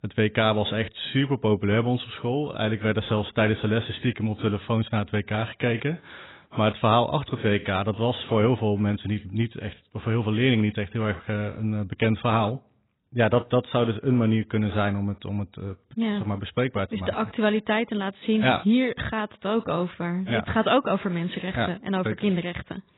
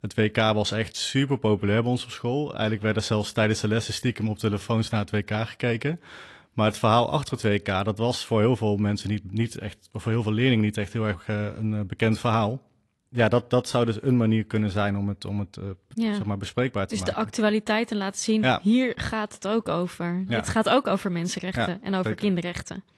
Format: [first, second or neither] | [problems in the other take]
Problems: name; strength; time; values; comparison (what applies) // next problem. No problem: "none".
second | garbled, watery; badly; nothing above 4 kHz; slightly in the second